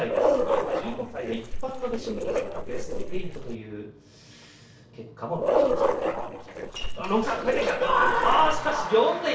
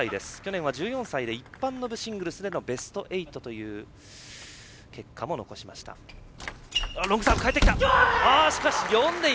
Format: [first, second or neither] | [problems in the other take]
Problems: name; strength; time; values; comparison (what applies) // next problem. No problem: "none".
second | noise reduction (neural separator model SepFormer DNS4)